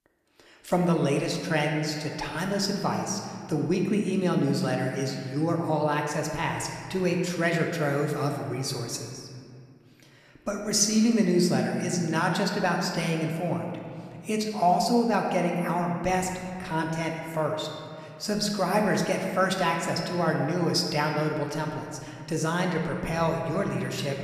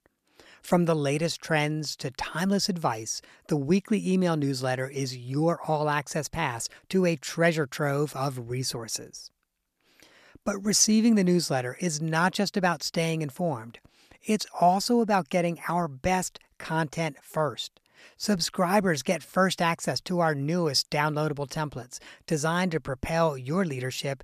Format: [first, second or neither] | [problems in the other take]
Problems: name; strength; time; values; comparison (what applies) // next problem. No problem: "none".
second | room echo; noticeable; dies away in 2.1 s